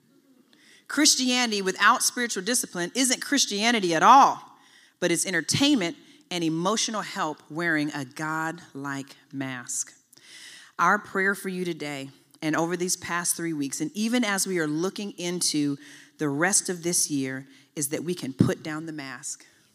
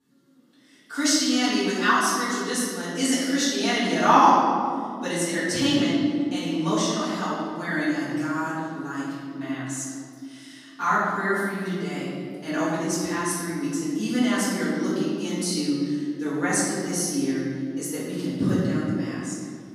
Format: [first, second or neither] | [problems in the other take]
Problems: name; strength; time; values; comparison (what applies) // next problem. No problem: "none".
first | room echo; strong; dies away in 2.3 s // off-mic speech; far